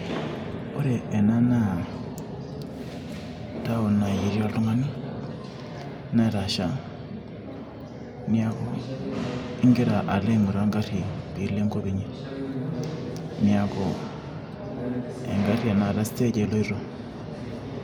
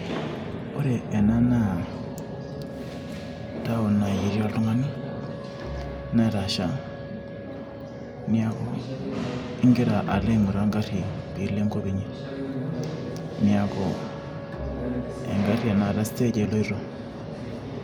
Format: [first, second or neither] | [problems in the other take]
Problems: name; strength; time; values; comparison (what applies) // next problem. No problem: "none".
first | background sound (Wind instrument, woodwind instrument + Bowed string instrument); 16 dB below the speech